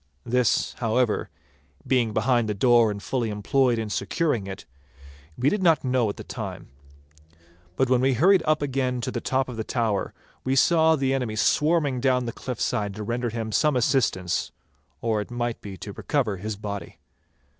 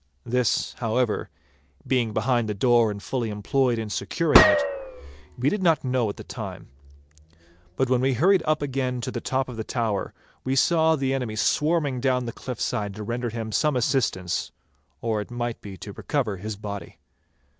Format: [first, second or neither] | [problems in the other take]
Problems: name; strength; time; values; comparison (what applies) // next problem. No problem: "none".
first | background sound (Gunshot, gunfire); 3 dB above the speech